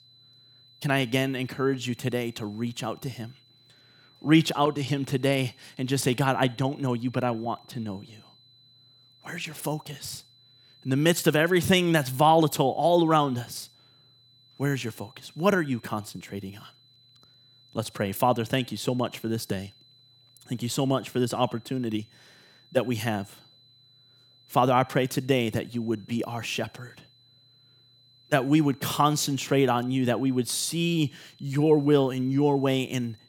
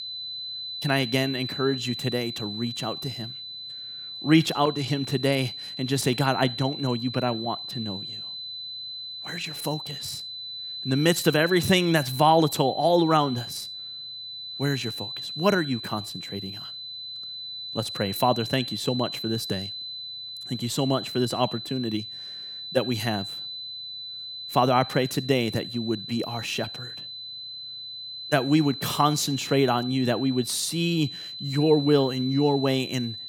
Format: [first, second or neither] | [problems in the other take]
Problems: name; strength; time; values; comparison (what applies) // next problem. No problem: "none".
first | high-pitched whine; loud; throughout; 4 kHz, 8 dB below the speech; faint in the first